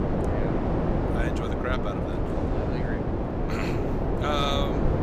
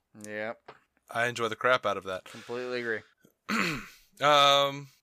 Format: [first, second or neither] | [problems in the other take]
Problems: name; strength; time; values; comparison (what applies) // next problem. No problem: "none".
second | wind noise on the microphone; heavy; 2 dB above the speech